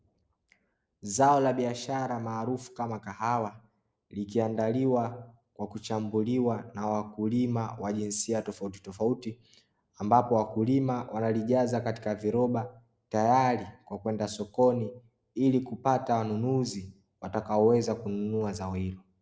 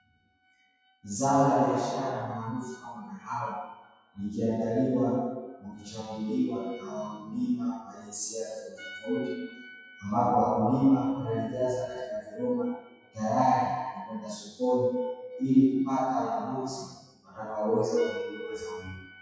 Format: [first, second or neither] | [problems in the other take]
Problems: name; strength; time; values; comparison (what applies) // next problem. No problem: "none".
first | noise reduction (classical method WPE with log-MMSE)